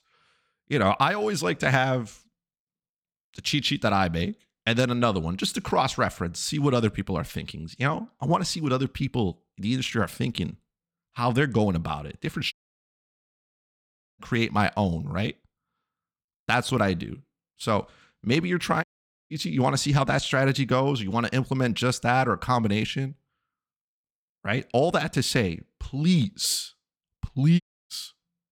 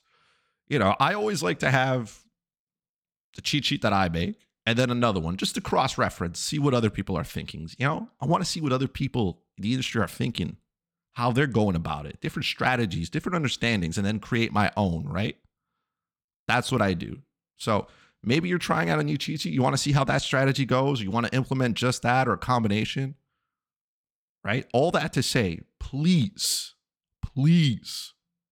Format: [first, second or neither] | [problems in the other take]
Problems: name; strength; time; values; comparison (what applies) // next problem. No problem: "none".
second | audio cutting out; at 13 s for 1.5 s, at 19 s and at 28 s